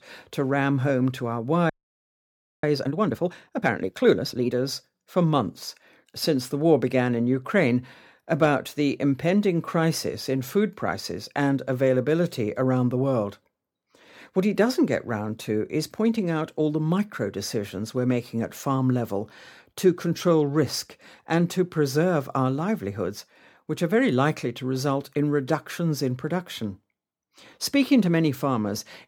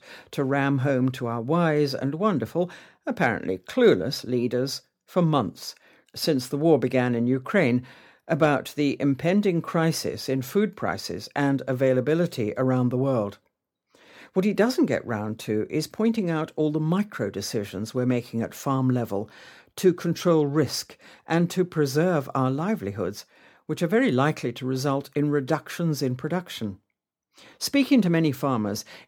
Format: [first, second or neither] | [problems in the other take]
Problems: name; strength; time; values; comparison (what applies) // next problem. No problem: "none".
second | audio freezing; at 1.5 s for 1 s